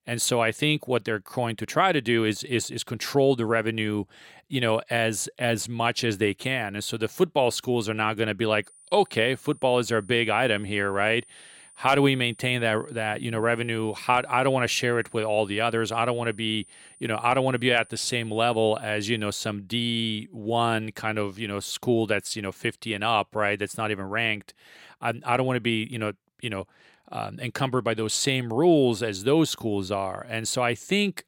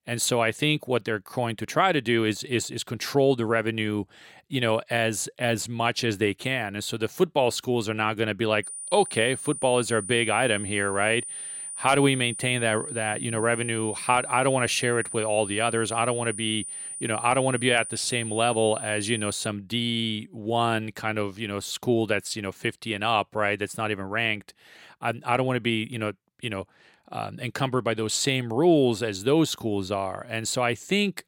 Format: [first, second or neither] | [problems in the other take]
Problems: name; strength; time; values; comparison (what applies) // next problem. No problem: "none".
first | high-pitched whine; loud; from 8.5 to 19 s; 9.5 kHz, 8 dB below the speech; faint in the first